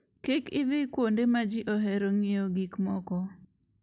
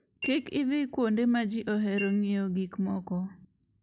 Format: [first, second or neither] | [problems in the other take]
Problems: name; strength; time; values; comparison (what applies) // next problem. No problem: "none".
first | background sound (Chink, clink); 15 dB below the speech